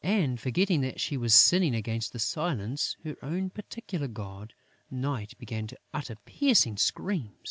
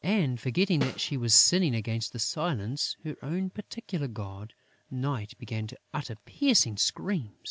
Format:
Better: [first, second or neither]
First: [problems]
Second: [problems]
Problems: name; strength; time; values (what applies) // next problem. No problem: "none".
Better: first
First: none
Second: background sound (Snare drum); 11 dB below the speech